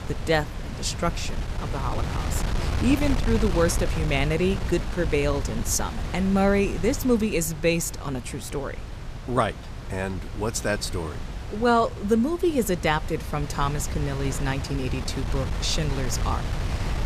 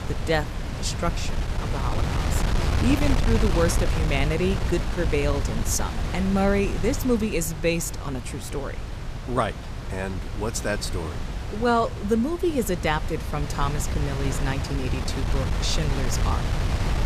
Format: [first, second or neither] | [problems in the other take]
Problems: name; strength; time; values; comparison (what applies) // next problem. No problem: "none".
first | wind noise on the microphone; heavy; 6 dB below the speech; occasional gusts in the first